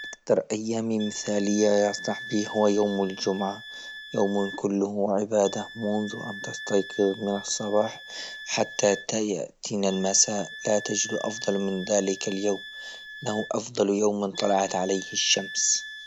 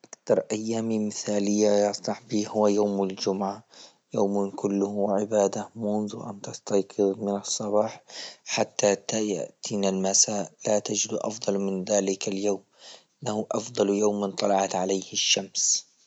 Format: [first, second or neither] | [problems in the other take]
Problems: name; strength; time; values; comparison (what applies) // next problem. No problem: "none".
second | background sound (Wind instrument, woodwind instrument); 15 dB below the speech